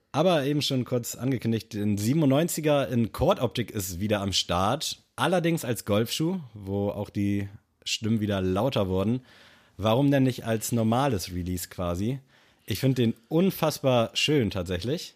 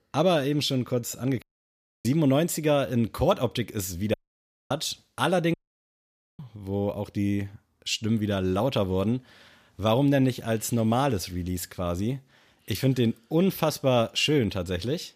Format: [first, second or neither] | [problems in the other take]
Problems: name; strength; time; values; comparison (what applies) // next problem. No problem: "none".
first | audio cutting out; at 1.5 s for 0.5 s, at 4 s for 0.5 s and at 5.5 s for 1 s